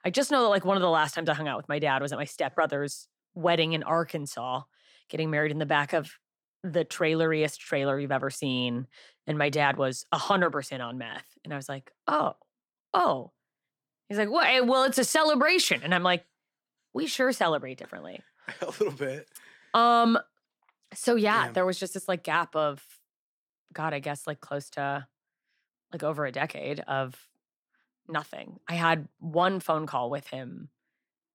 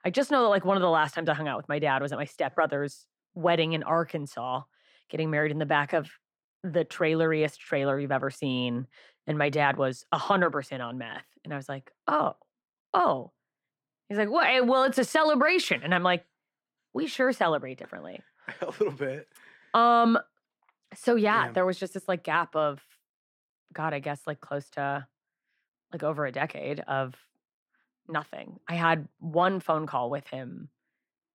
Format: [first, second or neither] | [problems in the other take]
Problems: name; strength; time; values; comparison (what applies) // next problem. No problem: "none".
first | muffled; very slightly; fading above 4 kHz